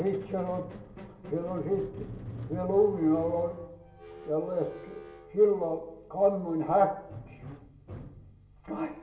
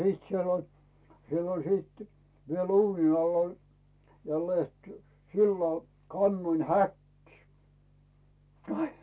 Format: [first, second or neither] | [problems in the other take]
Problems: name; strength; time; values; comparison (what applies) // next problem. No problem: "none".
second | background sound (Squeak); 15 dB below the speech // room echo; dies away in 0.6 s